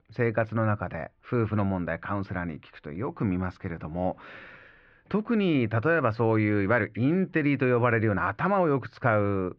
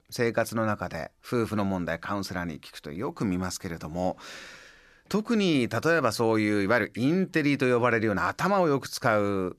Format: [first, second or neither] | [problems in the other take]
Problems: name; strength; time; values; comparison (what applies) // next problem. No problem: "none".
second | muffled; very; fading above 2.5 kHz